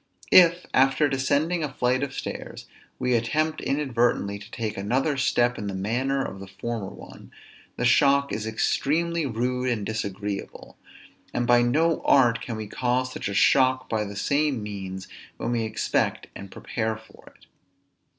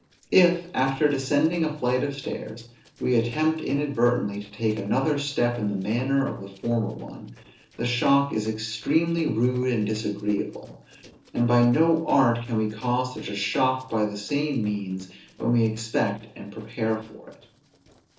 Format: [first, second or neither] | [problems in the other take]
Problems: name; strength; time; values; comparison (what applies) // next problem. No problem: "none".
first | noise reduction (neural separator model SepFormer DNS4)